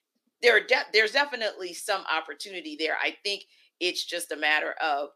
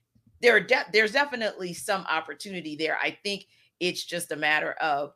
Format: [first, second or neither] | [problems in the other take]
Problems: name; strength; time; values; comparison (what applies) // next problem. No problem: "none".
second | thin; somewhat; fading below 300 Hz